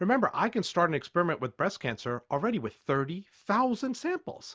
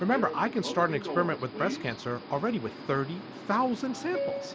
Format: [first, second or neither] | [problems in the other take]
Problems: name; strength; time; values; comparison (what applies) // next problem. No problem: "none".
first | background sound (Subway, metro, underground); 8 dB below the speech